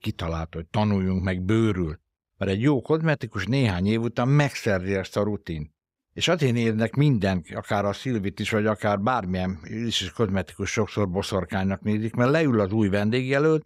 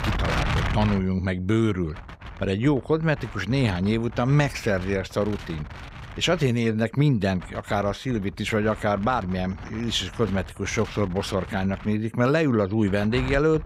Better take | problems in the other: first | wind noise on the microphone; occasional gusts; 10 dB below the speech

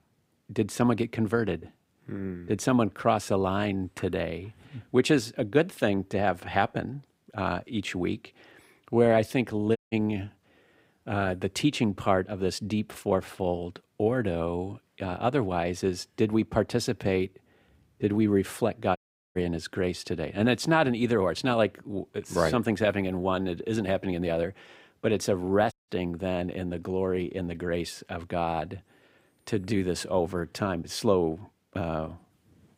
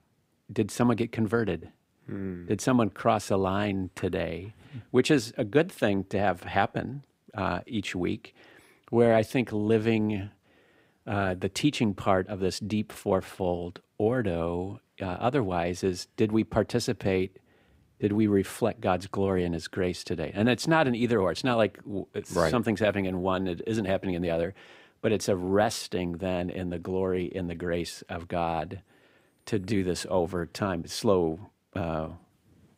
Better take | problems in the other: second | audio cutting out; at 10 s, at 19 s and at 26 s

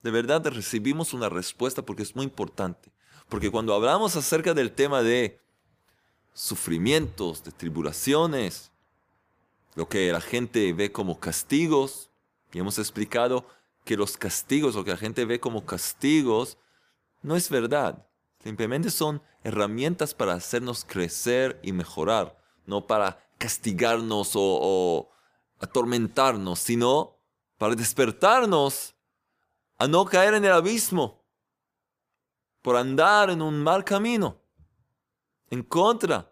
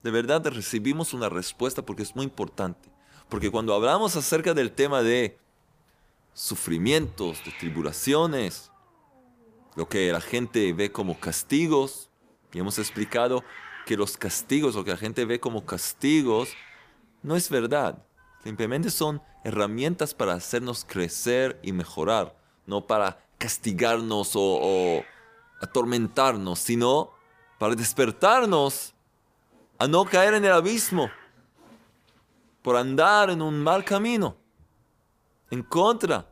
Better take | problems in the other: first | hiss; faint; throughout; 20 dB below the speech

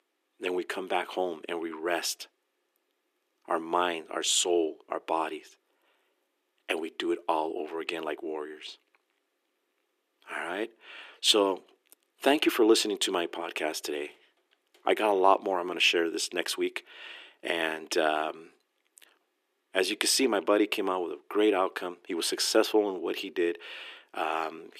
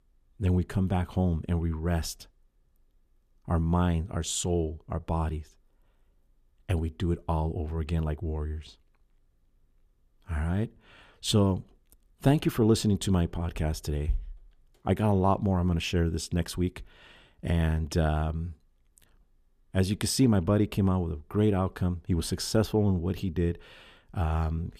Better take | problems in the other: second | thin; very; fading below 300 Hz

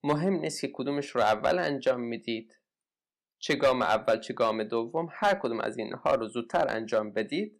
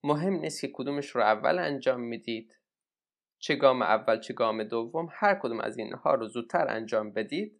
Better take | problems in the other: second | distortion; slight; 1.9% of the sound clipped

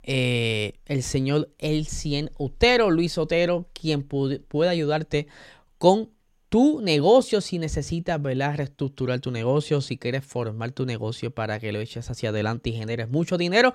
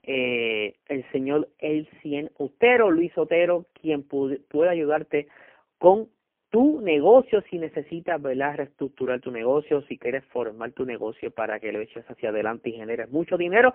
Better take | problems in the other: first | phone-call audio; poor line; nothing above 3 kHz

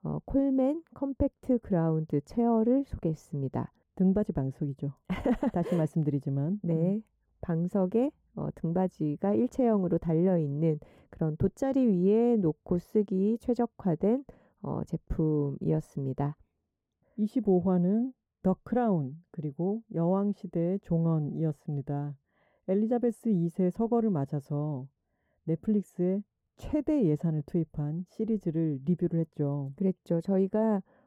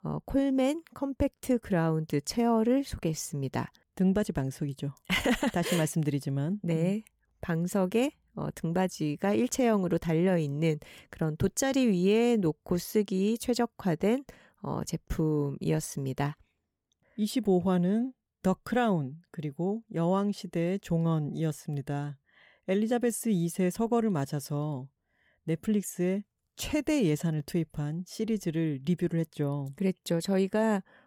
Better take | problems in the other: second | muffled; very; fading above 1.5 kHz

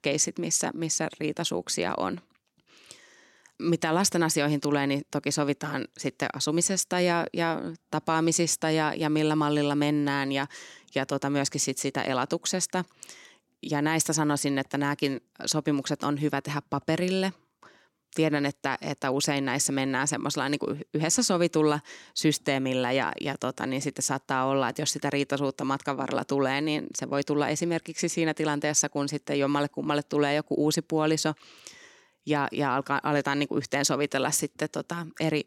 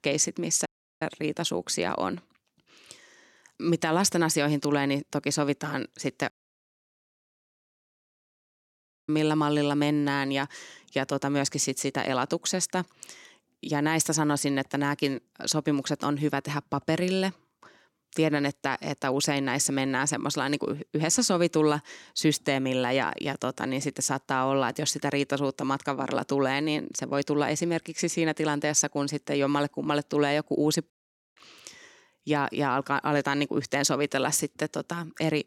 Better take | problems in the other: first | audio cutting out; at 0.5 s, at 6.5 s for 3 s and at 31 s

